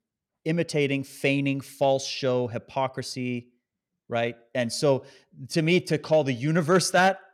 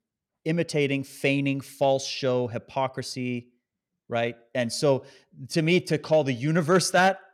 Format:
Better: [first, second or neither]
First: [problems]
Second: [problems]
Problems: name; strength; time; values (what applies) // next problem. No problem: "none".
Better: neither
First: none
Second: none